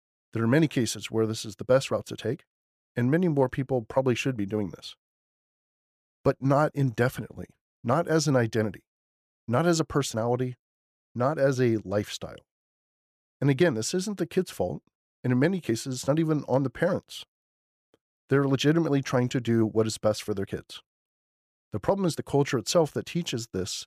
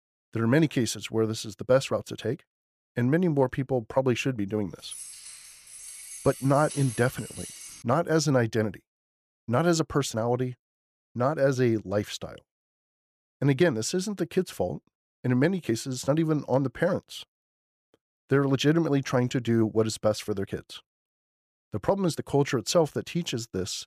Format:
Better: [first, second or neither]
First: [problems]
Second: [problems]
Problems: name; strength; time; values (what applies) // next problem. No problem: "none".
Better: first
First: none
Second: jangling keys; faint; from 5 to 8 s; peak 10 dB below the speech